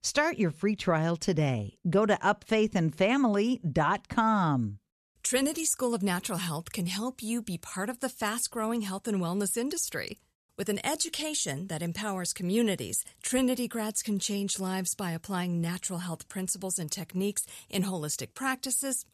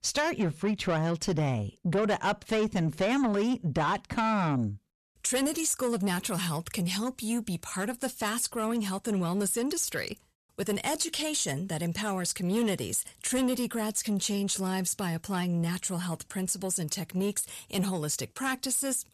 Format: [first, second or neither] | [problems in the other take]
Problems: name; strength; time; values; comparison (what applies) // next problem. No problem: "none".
first | distortion; slight; 10 dB below the speech